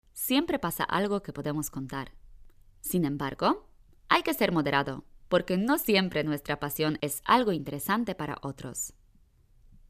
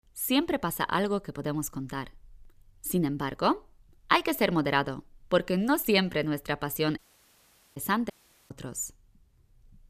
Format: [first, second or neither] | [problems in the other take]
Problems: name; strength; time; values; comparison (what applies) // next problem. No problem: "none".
first | audio cutting out; at 7 s for 1 s and at 8 s